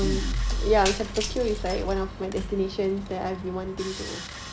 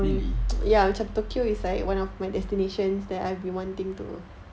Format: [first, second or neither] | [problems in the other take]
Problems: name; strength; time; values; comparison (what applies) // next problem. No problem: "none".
second | background sound (Shatter + Sawing); 11 dB below the speech